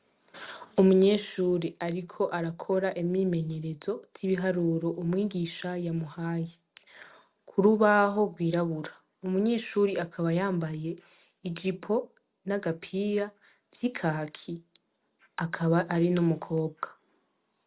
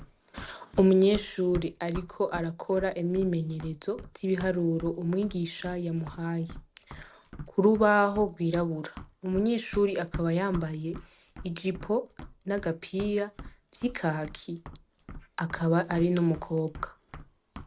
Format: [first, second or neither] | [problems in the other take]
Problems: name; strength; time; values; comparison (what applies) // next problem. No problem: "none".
first | background sound (Run); 16 dB below the speech